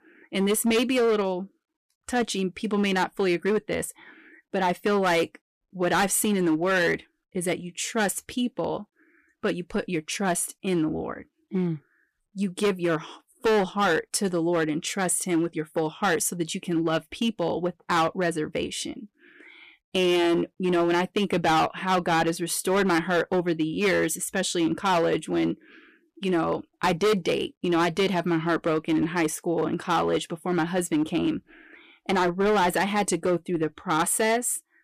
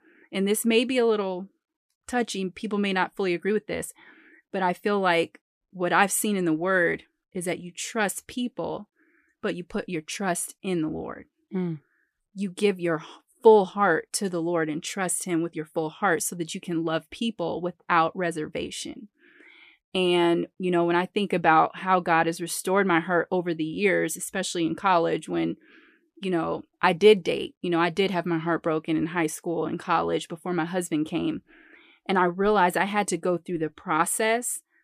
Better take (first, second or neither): second